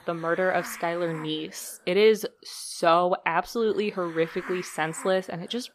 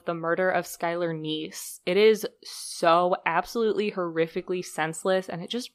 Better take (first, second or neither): second